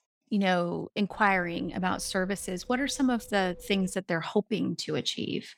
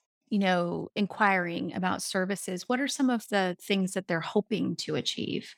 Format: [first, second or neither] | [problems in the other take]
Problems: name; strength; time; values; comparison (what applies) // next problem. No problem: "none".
second | wind noise on the microphone; occasional gusts; from 1 to 4 s; 25 dB below the speech